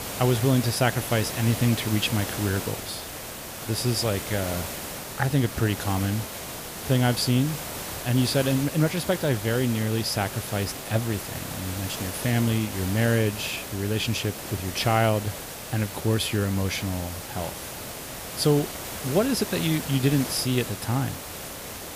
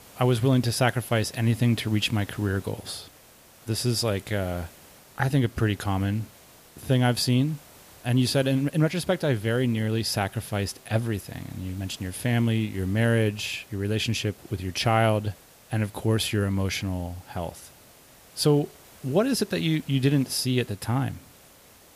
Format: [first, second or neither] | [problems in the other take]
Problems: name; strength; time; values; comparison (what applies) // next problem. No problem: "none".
second | hiss; loud; throughout; 7 dB below the speech; faint in the second